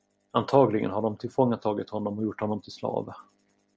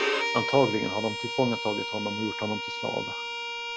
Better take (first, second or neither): first